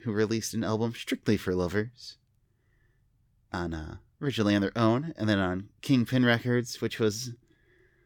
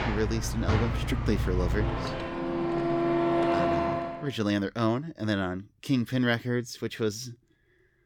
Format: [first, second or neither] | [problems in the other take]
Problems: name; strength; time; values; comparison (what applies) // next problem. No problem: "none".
first | household noises; very loud; until 4 s; 2 dB above the speech